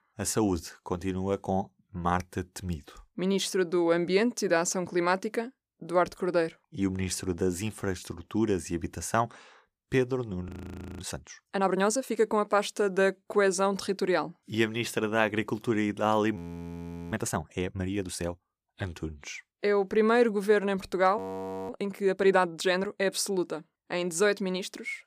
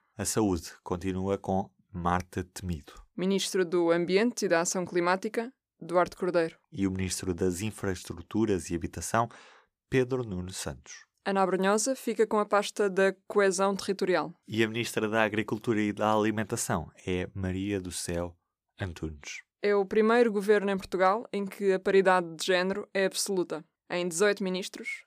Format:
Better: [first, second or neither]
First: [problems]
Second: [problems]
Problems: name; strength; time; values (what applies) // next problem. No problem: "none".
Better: second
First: audio freezing; at 10 s for 0.5 s, at 16 s for 1 s and at 21 s for 0.5 s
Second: none